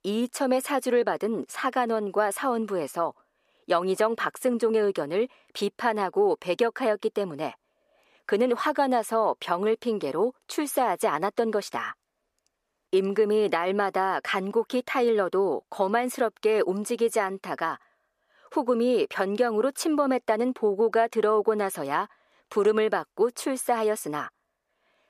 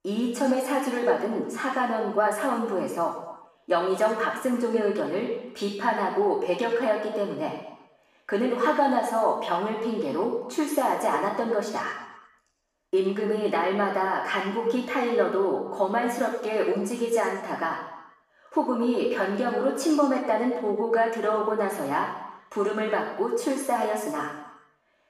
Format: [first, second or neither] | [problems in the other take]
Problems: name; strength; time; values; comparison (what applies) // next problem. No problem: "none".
first | room echo; noticeable; dies away in 0.9 s // off-mic speech; far